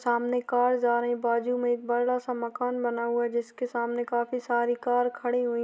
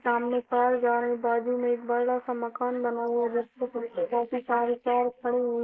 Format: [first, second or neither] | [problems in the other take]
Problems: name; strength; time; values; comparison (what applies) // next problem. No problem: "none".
first | noise reduction (neural mask model Resemble Enhance denoiser)